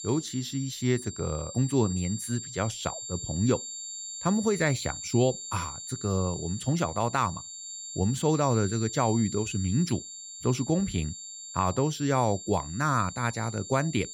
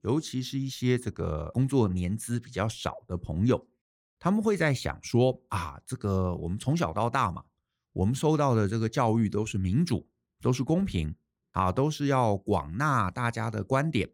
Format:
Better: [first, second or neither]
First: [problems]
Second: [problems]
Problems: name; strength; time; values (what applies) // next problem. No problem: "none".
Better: second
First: high-pitched whine; loud; throughout; 7.5 kHz, 9 dB below the speech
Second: none